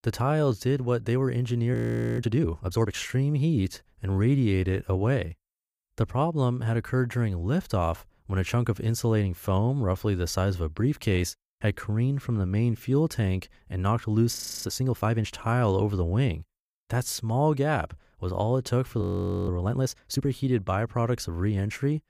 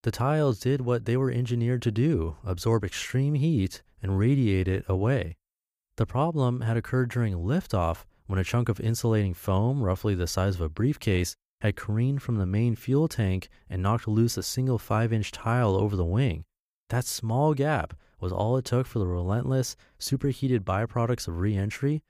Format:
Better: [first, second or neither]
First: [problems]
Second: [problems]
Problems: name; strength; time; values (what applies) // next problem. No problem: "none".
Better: second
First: audio freezing; at 1.5 s, at 14 s and at 19 s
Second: none